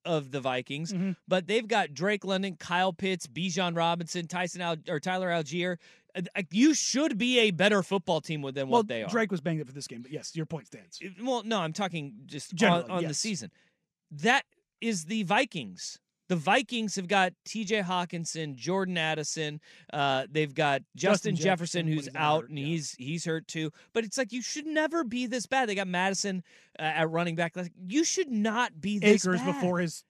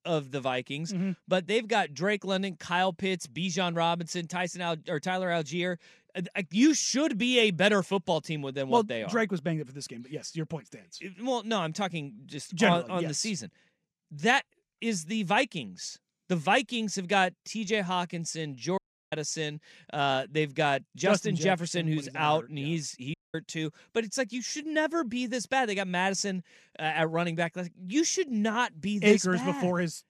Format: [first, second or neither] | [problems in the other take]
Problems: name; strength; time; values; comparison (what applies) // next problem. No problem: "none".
first | audio cutting out; at 19 s and at 23 s